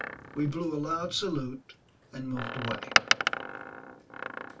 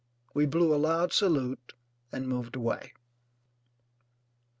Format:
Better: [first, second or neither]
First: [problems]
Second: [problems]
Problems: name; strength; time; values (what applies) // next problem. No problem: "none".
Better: second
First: background sound (Door); 2 dB above the speech // room echo; dies away in 0.2 s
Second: none